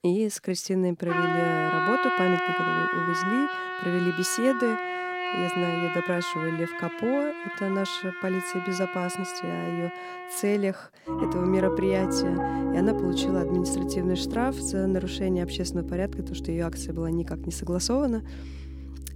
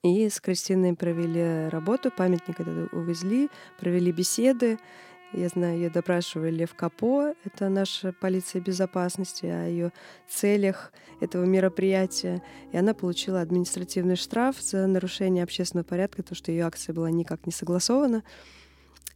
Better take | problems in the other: second | background music; loud; throughout; 1 dB below the speech; faint in the second

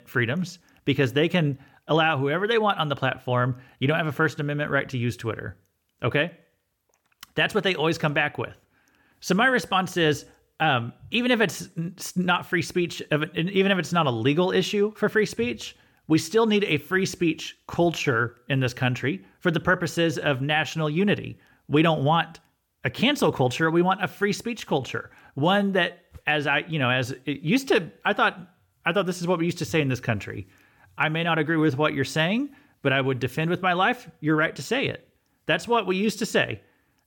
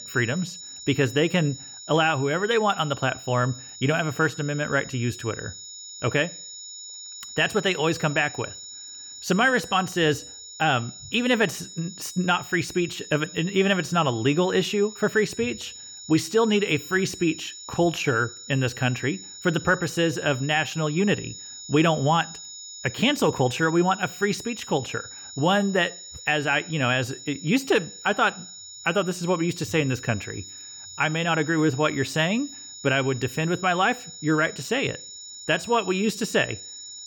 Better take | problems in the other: first | high-pitched whine; noticeable; throughout; 7 kHz, 15 dB below the speech

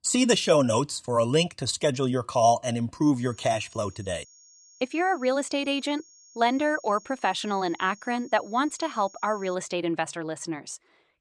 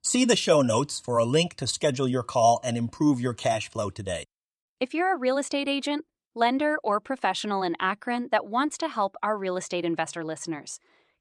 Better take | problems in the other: second | high-pitched whine; faint; from 3 to 9.5 s; 6.5 kHz, 25 dB below the speech

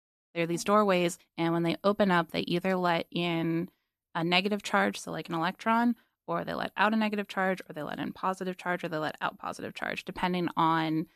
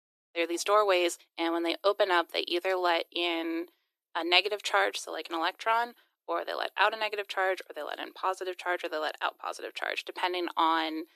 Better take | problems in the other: first | thin; very; fading below 350 Hz

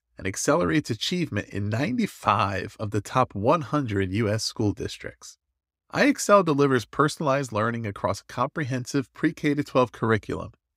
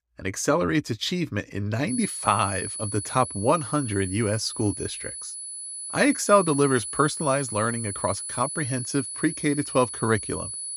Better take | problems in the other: first | high-pitched whine; loud; from 2 s on; 10 kHz, 6 dB below the speech

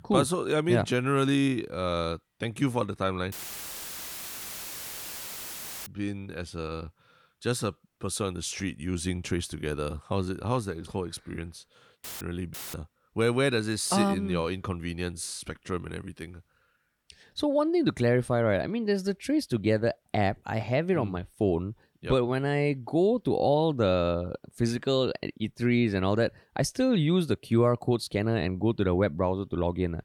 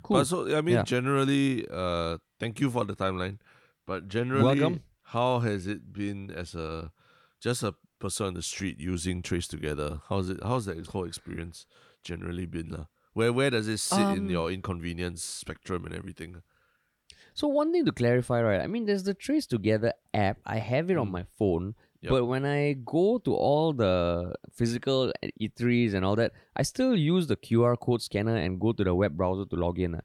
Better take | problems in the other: second | audio cutting out; filled with static; at 3.5 s for 2.5 s, at 12 s and at 13 s

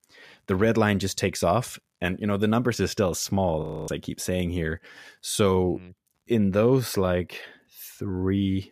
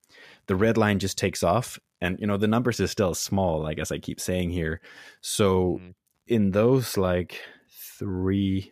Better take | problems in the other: second | audio freezing; at 3.5 s

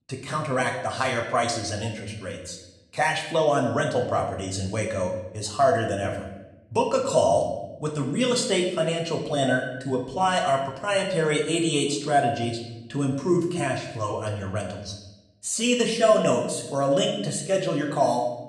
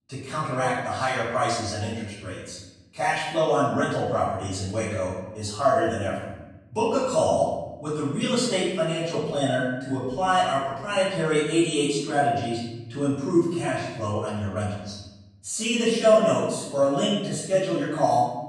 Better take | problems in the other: first | room echo; strong; dies away in 1 s; slight in the first // off-mic speech; far; somewhat distant in the first

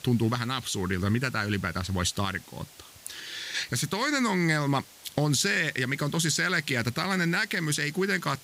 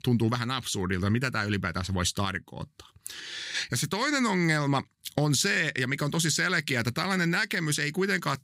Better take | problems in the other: second | hiss; faint; throughout; 20 dB below the speech

